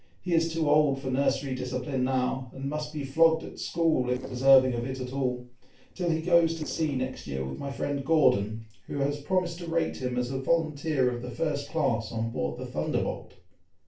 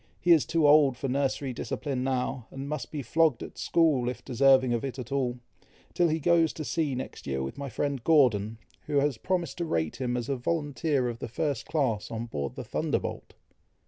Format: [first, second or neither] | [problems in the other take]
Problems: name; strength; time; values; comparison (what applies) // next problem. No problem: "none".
second | noise reduction (neural separator model SepFormer DNS4)